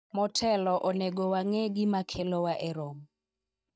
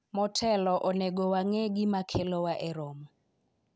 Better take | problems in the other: second | noise reduction (neural mask model DeepFilterNet 3)

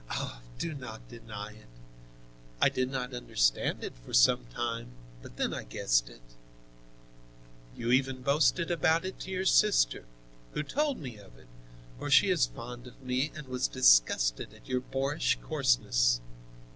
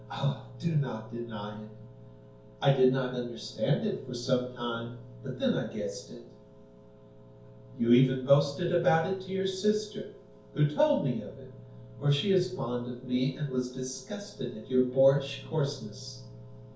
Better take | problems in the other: first | room echo; dies away in 0.6 s

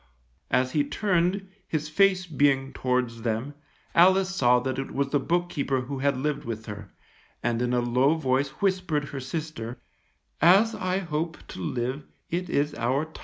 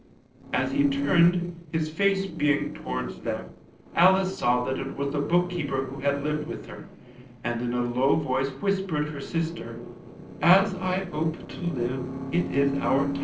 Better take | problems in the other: first | noise reduction (neural separator model SepFormer DNS4)

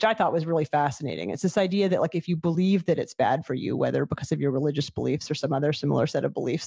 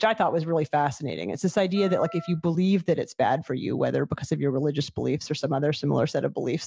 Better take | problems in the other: first | background sound (Wind instrument, woodwind instrument); 18 dB below the speech

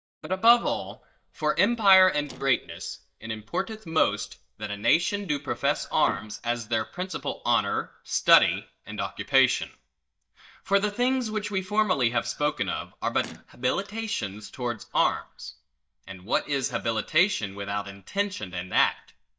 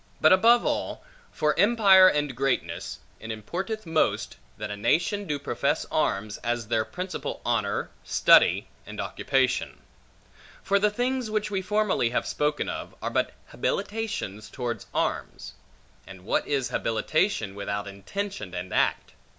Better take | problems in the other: second | noise reduction (neural mask model DeepFilterNet 3)

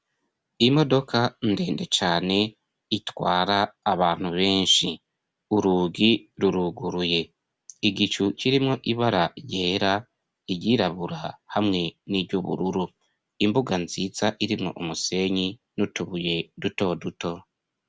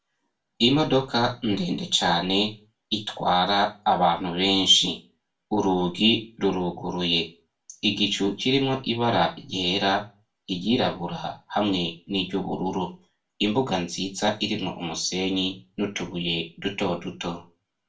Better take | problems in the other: first | room echo; dies away in 0.2 s

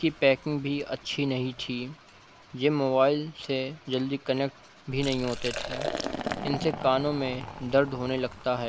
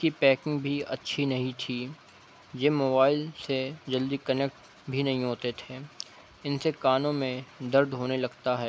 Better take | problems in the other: second | background sound (Liquid); 11 dB below the speech

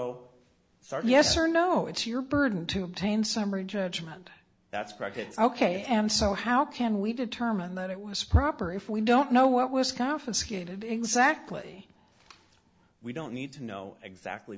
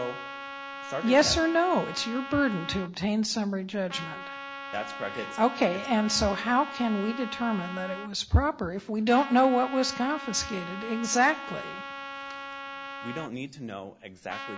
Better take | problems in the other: first | background sound (Trumpet); 12 dB below the speech

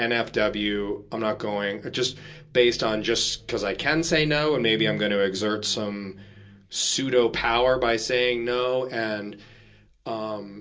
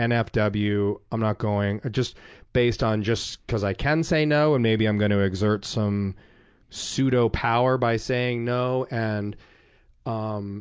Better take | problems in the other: second | room echo; dies away in 0.2 s

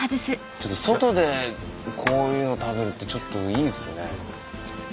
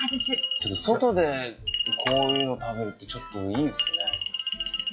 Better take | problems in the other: first | noise reduction (classical method log-MMSE)

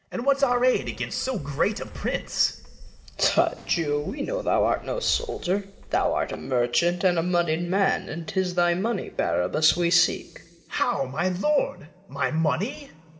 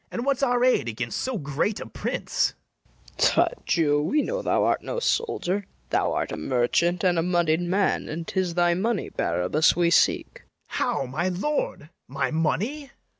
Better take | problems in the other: second | background sound (Fireworks); 16 dB below the speech // room echo; dies away in 2.1 s

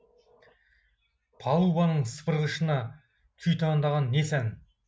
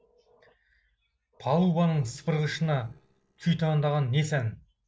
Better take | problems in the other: first | noise reduction (neural separator model SepFormer DNS4)

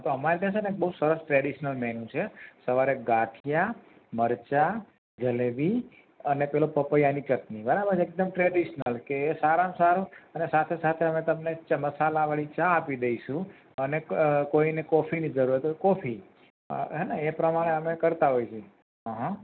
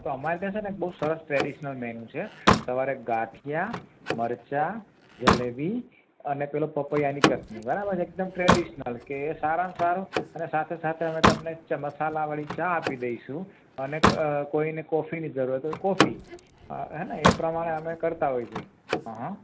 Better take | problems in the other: first | background sound (Slam); 1 dB below the speech

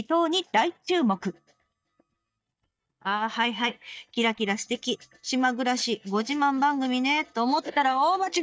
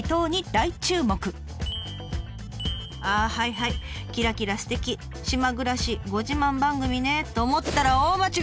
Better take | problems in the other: second | noise reduction (neural mask model DeepFilterNet 3)

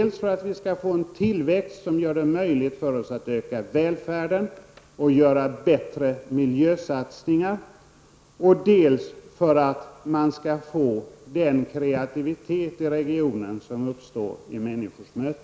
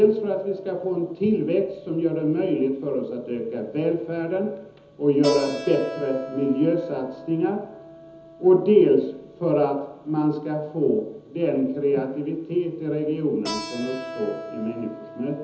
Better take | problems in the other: first | background sound (Keyboard (musical)); 17 dB below the speech // room echo; dies away in 1.2 s

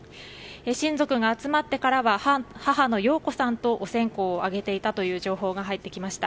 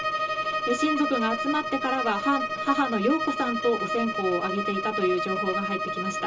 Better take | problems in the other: first | background sound (Bowed string instrument); 2 dB below the speech // room echo; dies away in 0.2 s

